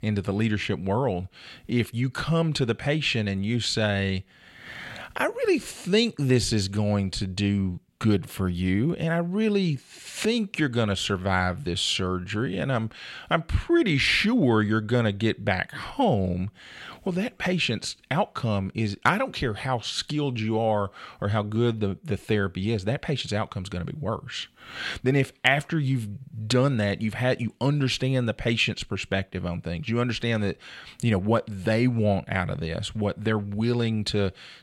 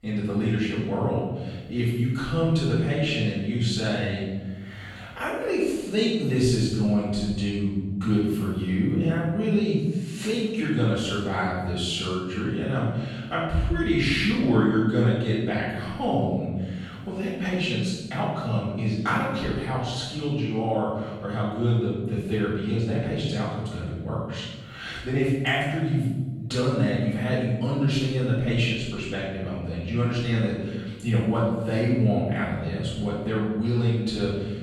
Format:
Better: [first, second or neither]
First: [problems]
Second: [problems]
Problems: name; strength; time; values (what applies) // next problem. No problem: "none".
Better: first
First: none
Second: off-mic speech; far // room echo; strong; dies away in 1.3 s